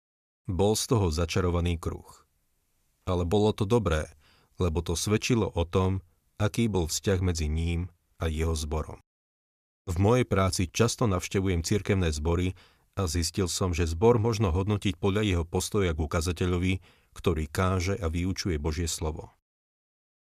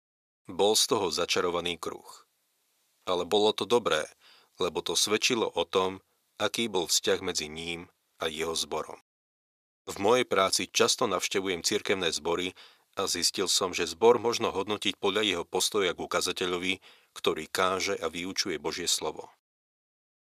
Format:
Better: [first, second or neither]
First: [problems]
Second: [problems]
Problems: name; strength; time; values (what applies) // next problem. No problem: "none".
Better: first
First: none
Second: thin; somewhat; fading below 400 Hz